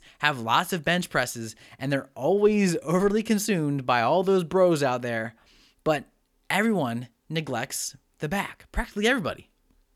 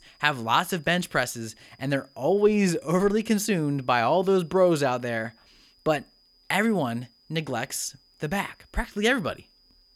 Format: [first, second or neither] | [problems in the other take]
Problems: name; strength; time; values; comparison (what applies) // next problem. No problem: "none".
first | high-pitched whine; faint; throughout; 5 kHz, 35 dB below the speech